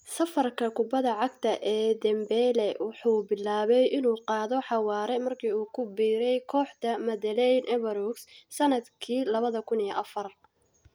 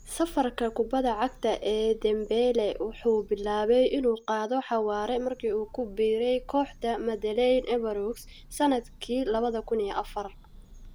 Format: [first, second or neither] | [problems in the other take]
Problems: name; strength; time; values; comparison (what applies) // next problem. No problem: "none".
first | background sound (Bird / Breathing); 20 dB below the speech